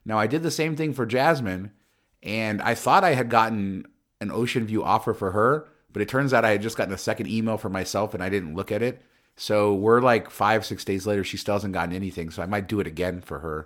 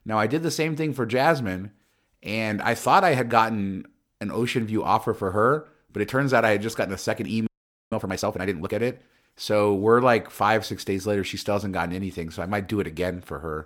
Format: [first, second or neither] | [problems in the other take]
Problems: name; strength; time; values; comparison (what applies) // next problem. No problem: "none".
first | audio freezing; at 7.5 s